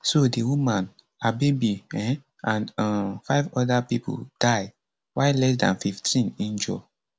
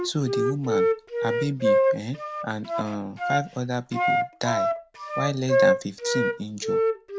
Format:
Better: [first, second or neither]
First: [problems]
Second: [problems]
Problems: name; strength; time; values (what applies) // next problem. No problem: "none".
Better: first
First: none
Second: background sound (Wind instrument, woodwind instrument); 5 dB above the speech